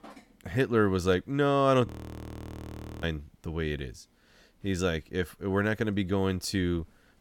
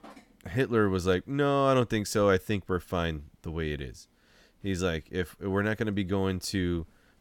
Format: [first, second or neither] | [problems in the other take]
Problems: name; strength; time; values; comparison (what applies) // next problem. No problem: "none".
second | audio freezing; at 2 s for 1 s